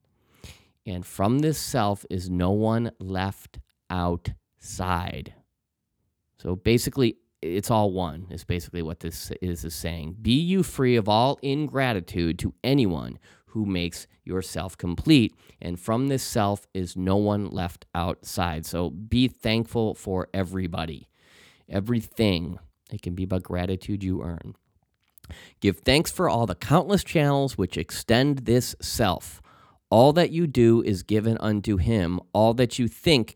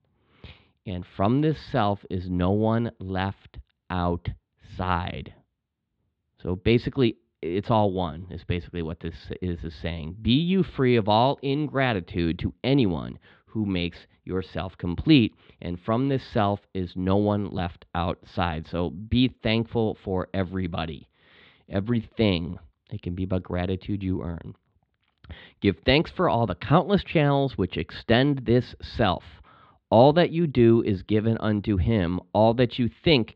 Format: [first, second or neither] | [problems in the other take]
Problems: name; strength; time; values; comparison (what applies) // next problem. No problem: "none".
first | muffled; slightly; fading above 3.5 kHz